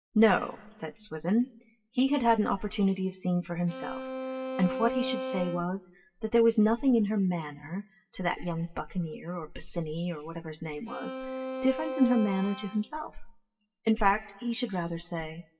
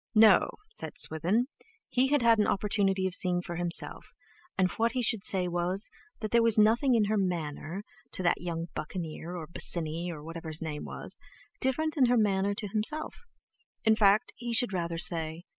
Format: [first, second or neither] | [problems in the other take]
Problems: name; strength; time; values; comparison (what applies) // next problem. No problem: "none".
second | noise reduction (classical method WPE with log-MMSE)